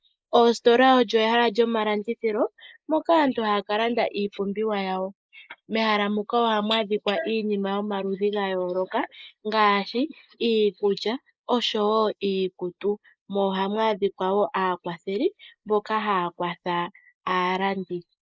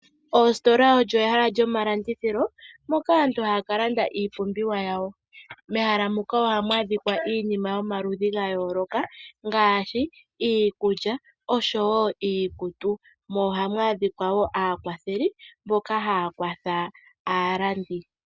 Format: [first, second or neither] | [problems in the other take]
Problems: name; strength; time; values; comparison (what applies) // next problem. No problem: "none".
second | noise reduction (neural mask model Resemble Enhance denoiser)